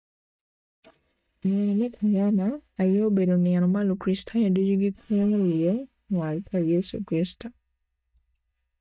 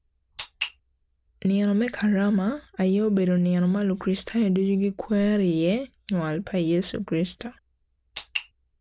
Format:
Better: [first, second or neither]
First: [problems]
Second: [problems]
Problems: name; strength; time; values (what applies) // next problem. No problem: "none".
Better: second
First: noise reduction (neural mask model DeepFilterNet 3)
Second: none